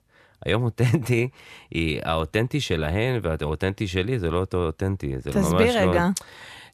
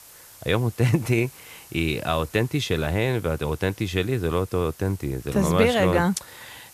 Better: first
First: none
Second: hiss; faint; throughout; 20 dB below the speech

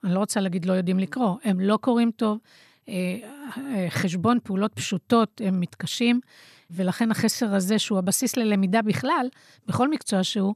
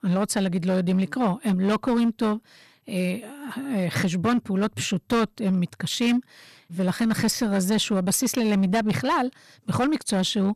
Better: first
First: none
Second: distortion; slight; 9% of the sound clipped

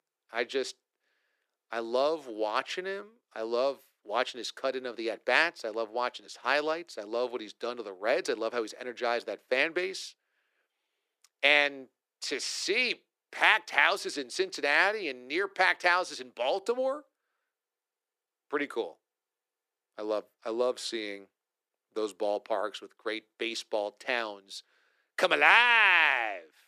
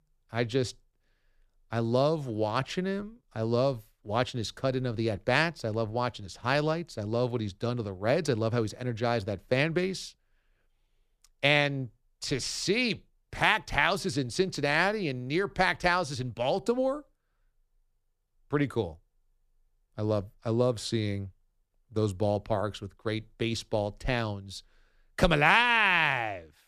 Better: second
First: thin; very; fading below 350 Hz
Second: none

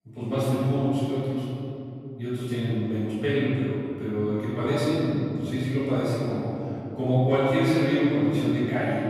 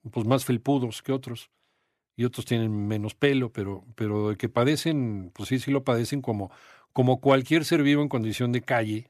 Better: second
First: room echo; strong; dies away in 3 s // off-mic speech; far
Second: none

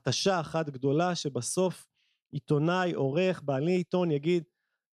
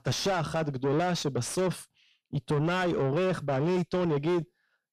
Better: first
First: none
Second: distortion; heavy; 6 dB below the speech

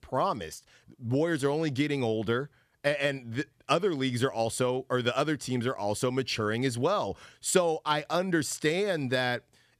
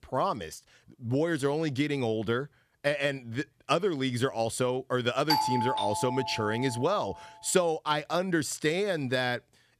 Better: first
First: none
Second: doorbell; loud; from 5.5 to 7 s; peak 2 dB above the speech

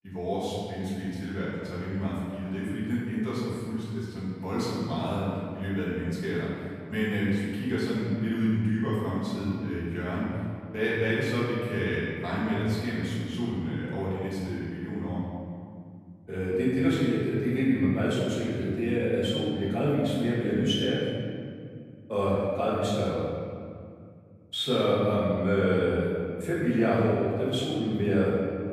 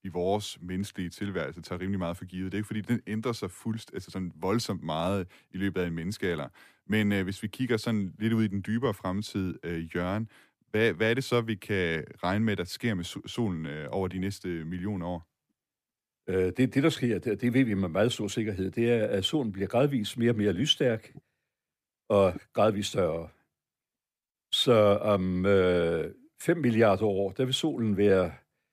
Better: second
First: off-mic speech; far // room echo; strong; dies away in 2.2 s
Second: none

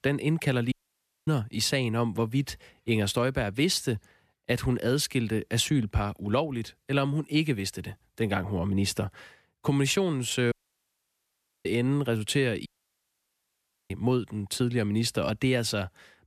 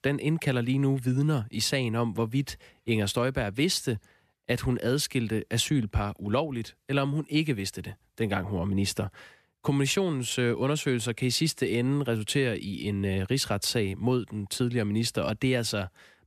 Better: second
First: audio cutting out; at 0.5 s for 0.5 s, at 11 s for 1 s and at 13 s for 1 s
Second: none

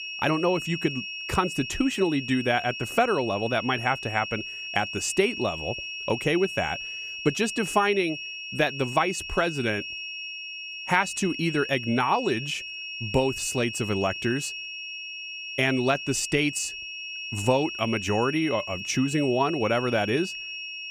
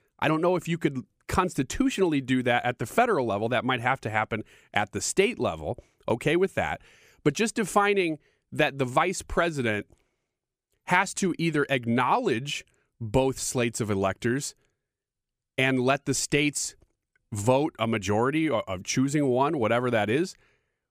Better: second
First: high-pitched whine; loud; throughout; 2.5 kHz, 7 dB below the speech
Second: none

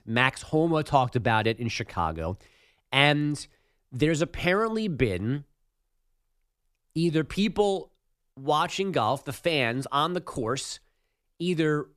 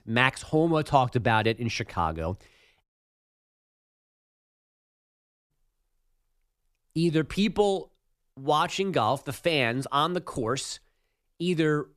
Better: first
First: none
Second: audio cutting out; at 3 s for 2.5 s

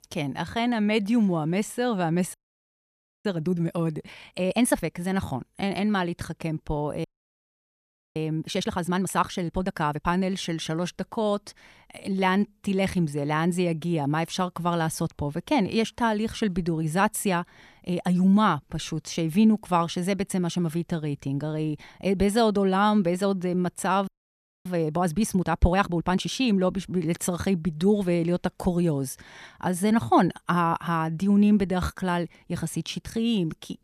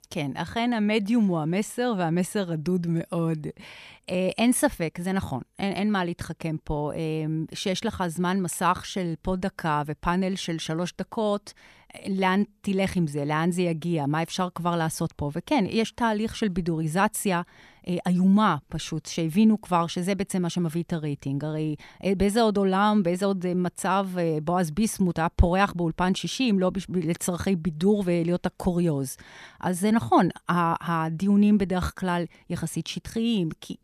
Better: second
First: audio freezing; at 2.5 s for 1 s, at 7 s for 1 s and at 24 s for 0.5 s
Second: none

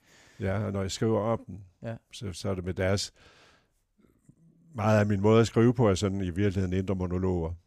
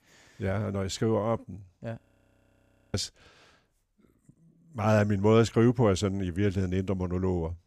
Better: first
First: none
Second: audio freezing; at 2 s for 1 s

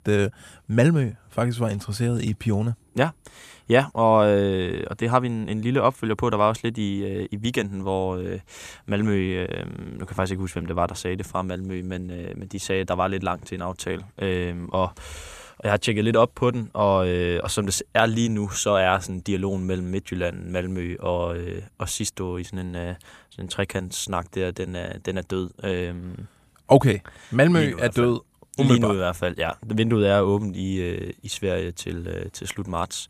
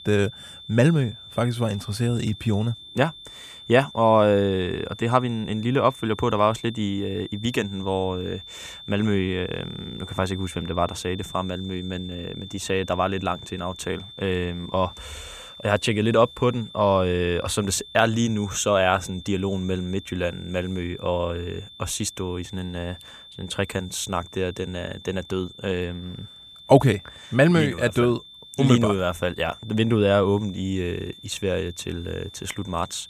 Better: first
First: none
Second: high-pitched whine; noticeable; throughout; 3.5 kHz, 15 dB below the speech

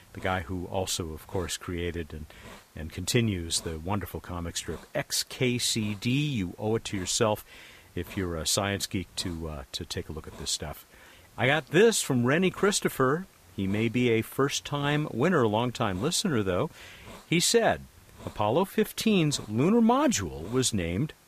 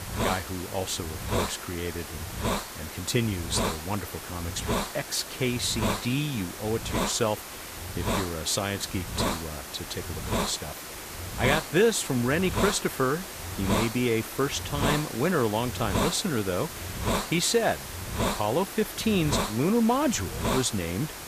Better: first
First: hiss; faint; throughout; 25 dB below the speech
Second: hiss; loud; throughout; 4 dB below the speech

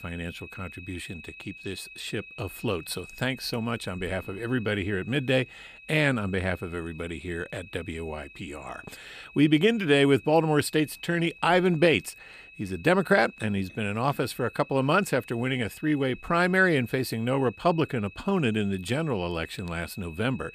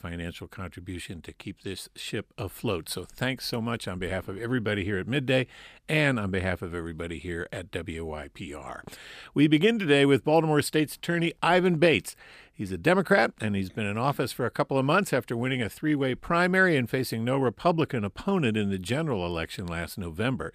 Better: second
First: high-pitched whine; noticeable; throughout; 2.5 kHz, 20 dB below the speech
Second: none

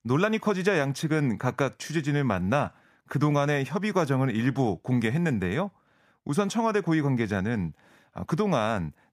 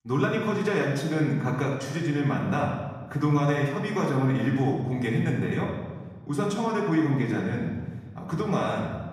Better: first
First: none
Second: off-mic speech; far // room echo; noticeable; dies away in 1.3 s

